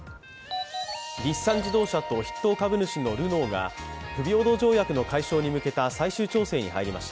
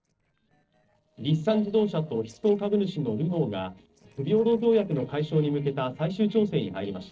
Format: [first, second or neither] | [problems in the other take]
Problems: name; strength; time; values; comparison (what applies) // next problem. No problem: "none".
first | noise reduction (neural separator model SepFormer DNS4)